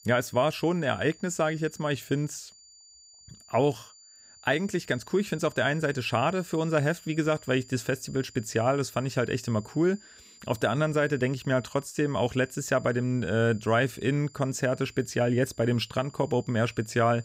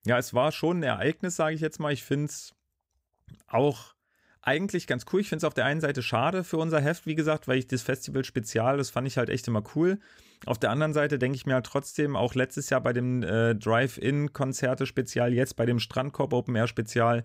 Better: second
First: high-pitched whine; faint; throughout; 7 kHz, 25 dB below the speech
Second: none

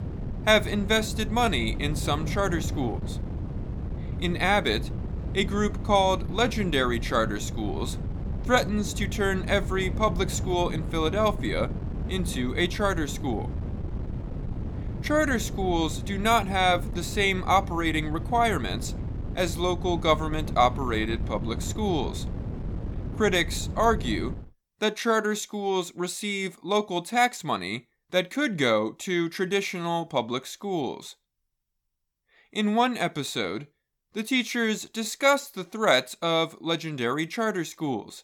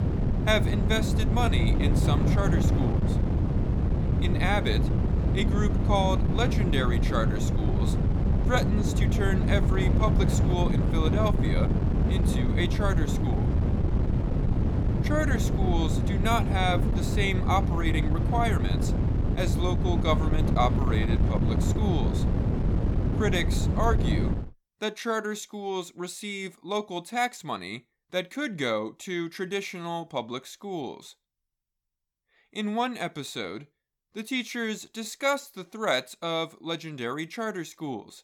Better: first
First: wind noise on the microphone; occasional gusts; until 24 s; 15 dB below the speech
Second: wind noise on the microphone; heavy; until 24 s; 4 dB below the speech

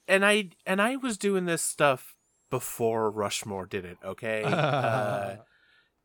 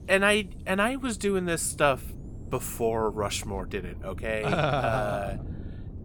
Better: first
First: none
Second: wind noise on the microphone; occasional gusts; 25 dB below the speech

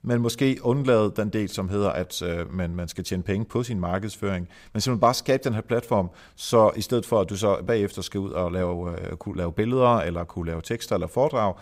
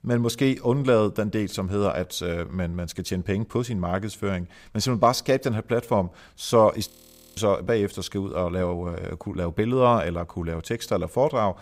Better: first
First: none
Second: audio freezing; at 7 s

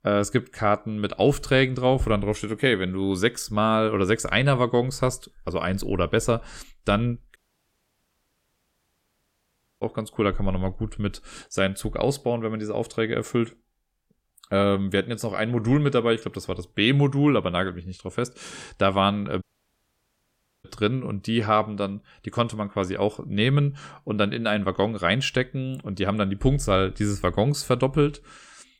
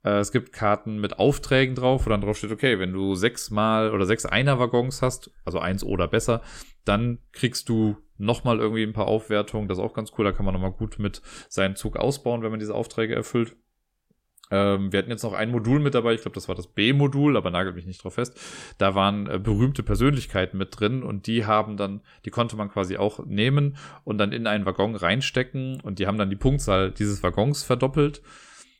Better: second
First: audio cutting out; at 7.5 s for 2.5 s and at 19 s for 1 s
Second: none

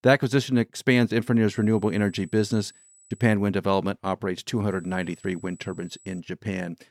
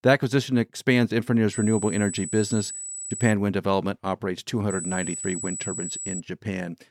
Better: first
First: high-pitched whine; faint; from 1.5 to 3.5 s and from 4.5 to 6 s; 8 kHz, 25 dB below the speech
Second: high-pitched whine; loud; from 1.5 to 3.5 s and from 4.5 to 6 s; 8 kHz, 7 dB below the speech

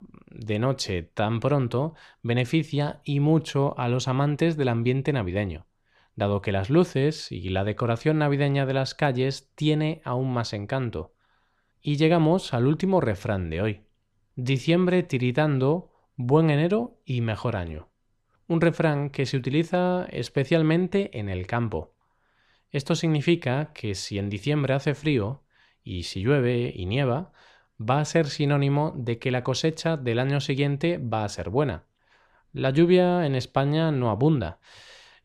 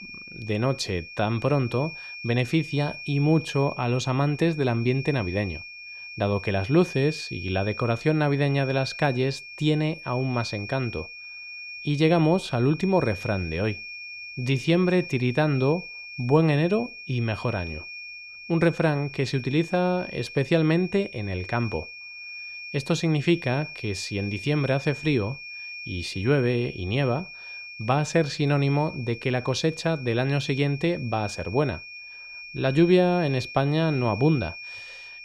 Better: first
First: none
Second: high-pitched whine; noticeable; throughout; 2.5 kHz, 10 dB below the speech

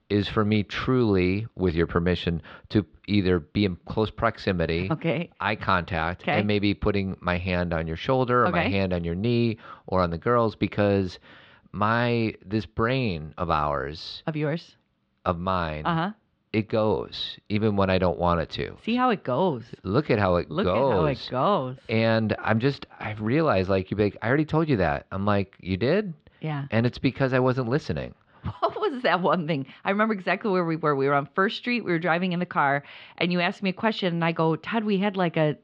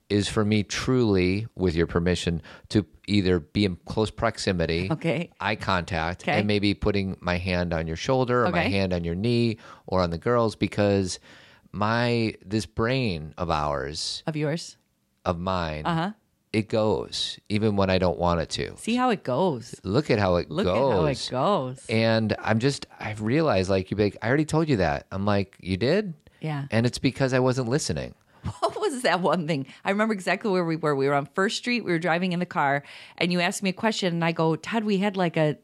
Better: second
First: muffled; slightly; fading above 3.5 kHz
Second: none

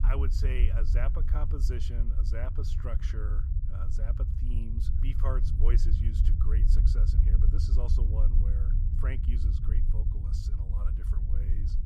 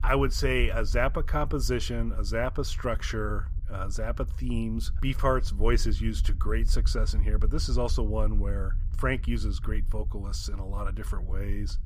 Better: second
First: low rumble; loud; throughout; 3 dB below the speech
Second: low rumble; faint; throughout; 20 dB below the speech

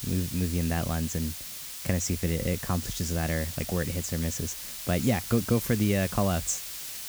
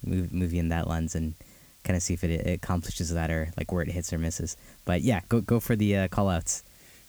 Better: second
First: hiss; loud; throughout; 7 dB below the speech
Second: hiss; faint; throughout; 25 dB below the speech

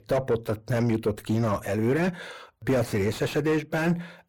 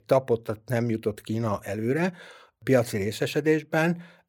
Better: second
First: distortion; heavy; 7 dB below the speech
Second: none

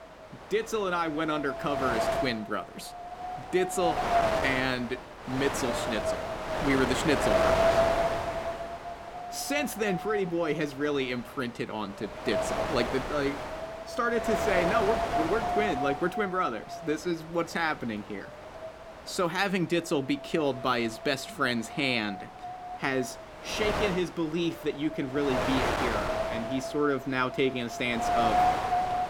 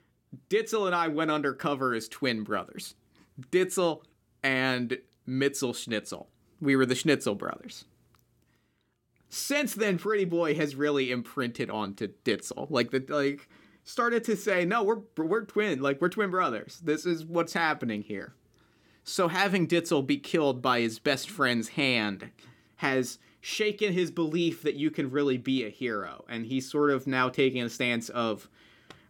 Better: second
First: wind noise on the microphone; heavy; 1 dB above the speech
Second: none

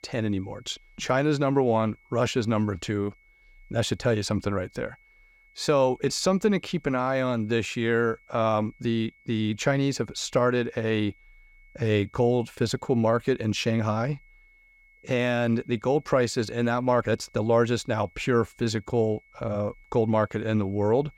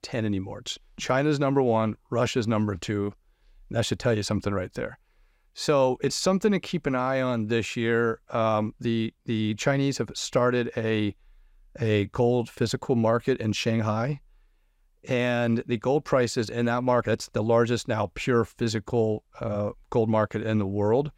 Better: second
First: high-pitched whine; faint; throughout; 2 kHz, 30 dB below the speech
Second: none

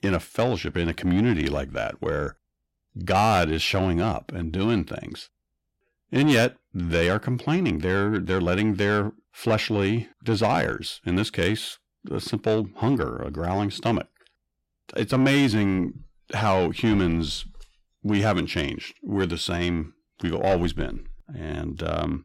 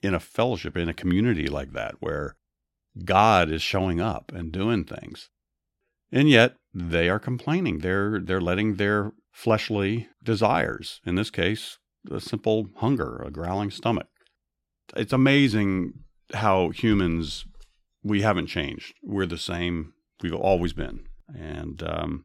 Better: second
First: distortion; slight; 10 dB below the speech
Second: none

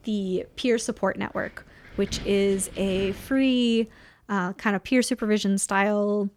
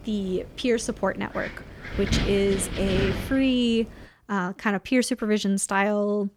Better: first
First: wind noise on the microphone; occasional gusts; until 4 s; 20 dB below the speech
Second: wind noise on the microphone; heavy; until 4 s; 7 dB below the speech

